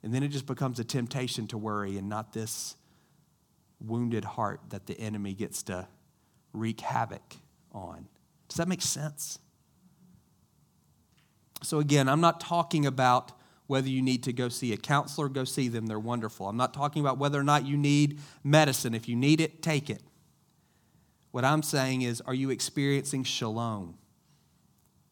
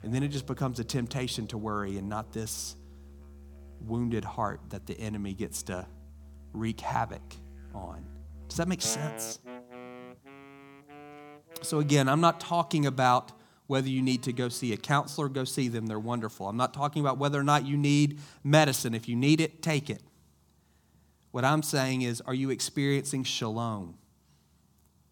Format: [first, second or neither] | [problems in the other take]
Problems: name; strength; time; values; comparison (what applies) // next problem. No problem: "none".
first | background music; noticeable; throughout; 20 dB below the speech